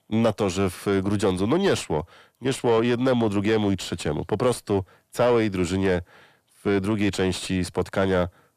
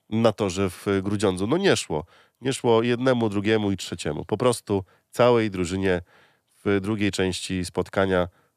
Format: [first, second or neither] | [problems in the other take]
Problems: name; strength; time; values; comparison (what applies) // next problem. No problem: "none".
second | distortion; slight; 10 dB below the speech